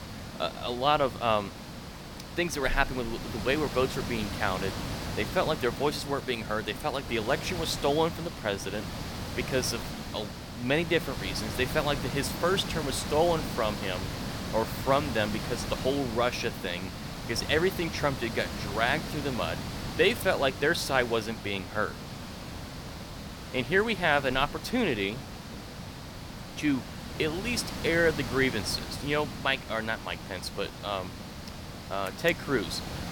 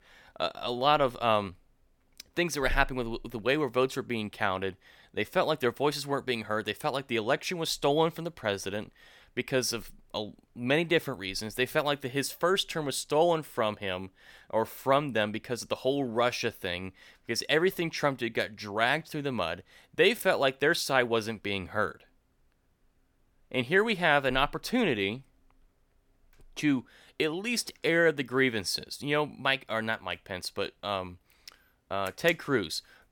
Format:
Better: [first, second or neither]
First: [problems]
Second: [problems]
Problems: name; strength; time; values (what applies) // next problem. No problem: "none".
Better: second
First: hiss; loud; throughout; 8 dB below the speech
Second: none